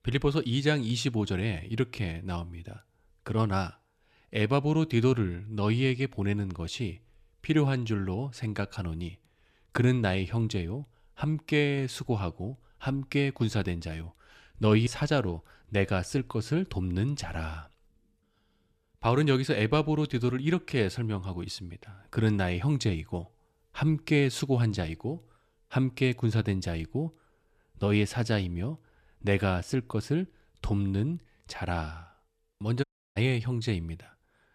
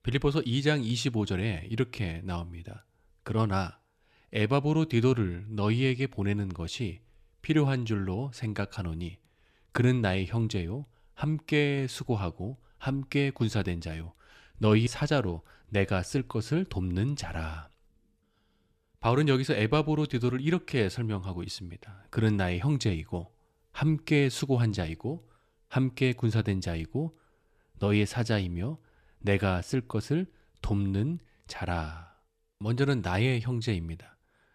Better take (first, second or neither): second